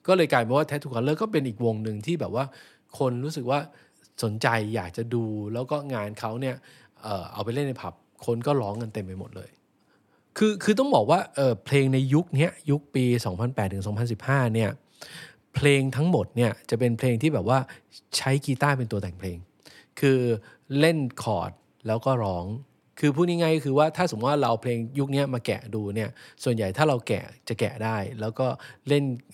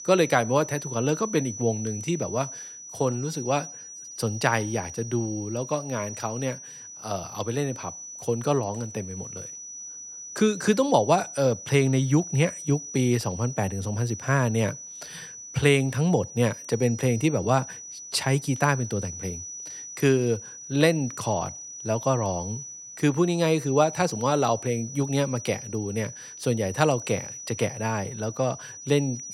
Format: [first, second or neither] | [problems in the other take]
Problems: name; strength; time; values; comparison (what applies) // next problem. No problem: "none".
first | high-pitched whine; noticeable; throughout; 6 kHz, 10 dB below the speech